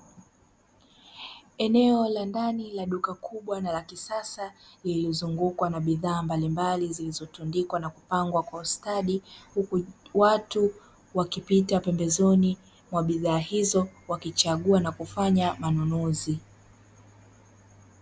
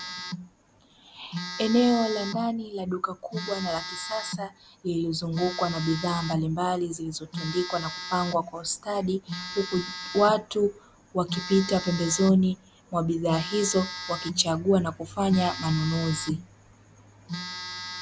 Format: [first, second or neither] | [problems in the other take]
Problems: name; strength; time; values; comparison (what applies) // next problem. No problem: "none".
first | background sound (Telephone); 10 dB below the speech